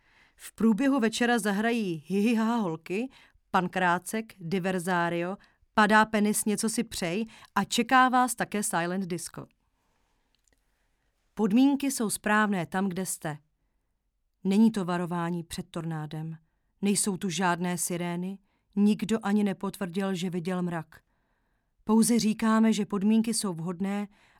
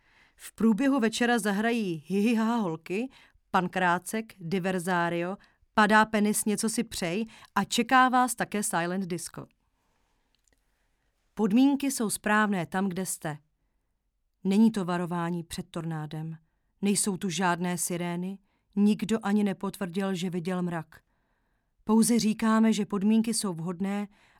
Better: neither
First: none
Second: none

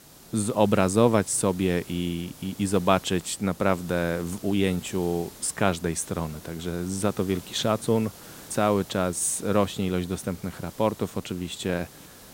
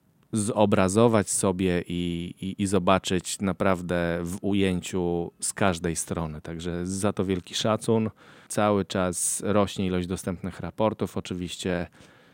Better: second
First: hiss; noticeable; throughout; 20 dB below the speech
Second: none

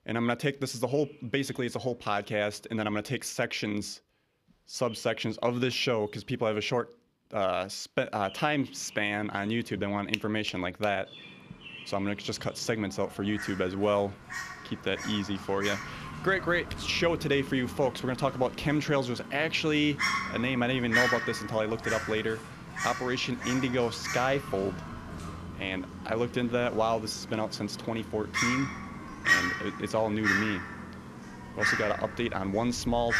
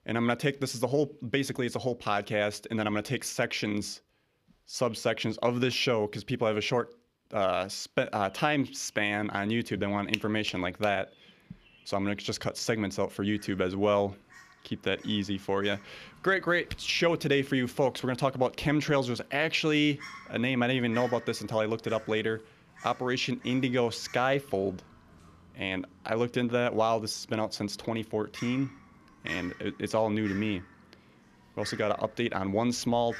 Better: second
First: animal sounds; loud; throughout; 4 dB below the speech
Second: animal sounds; faint; throughout; 20 dB below the speech

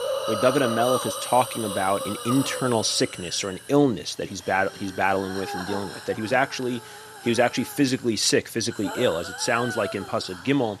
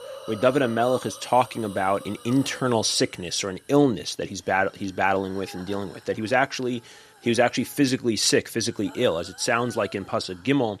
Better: second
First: hiss; loud; throughout; 8 dB below the speech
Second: hiss; faint; throughout; 20 dB below the speech

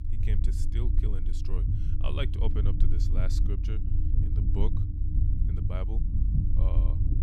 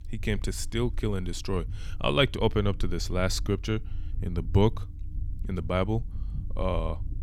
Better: second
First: low rumble; loud; throughout; 2 dB below the speech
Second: low rumble; faint; throughout; 25 dB below the speech

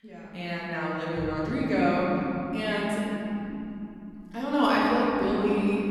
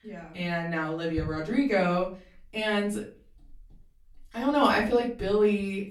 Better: second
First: room echo; strong; dies away in 3 s // off-mic speech; far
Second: room echo; slight; dies away in 0.3 s // off-mic speech; far

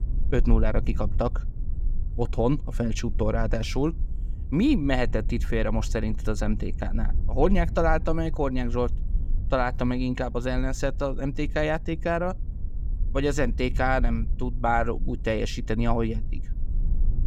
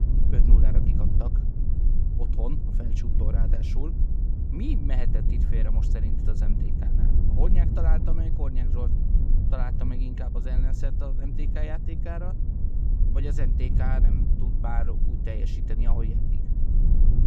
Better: first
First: low rumble; faint; throughout; 20 dB below the speech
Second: low rumble; loud; throughout; 2 dB below the speech

